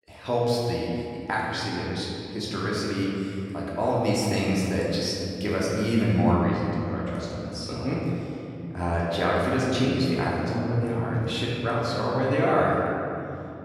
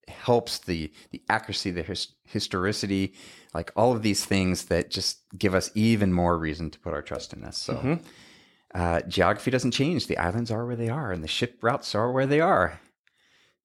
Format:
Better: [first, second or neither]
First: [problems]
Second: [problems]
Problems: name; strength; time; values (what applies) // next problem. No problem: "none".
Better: second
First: room echo; strong; dies away in 2.9 s // off-mic speech; far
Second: none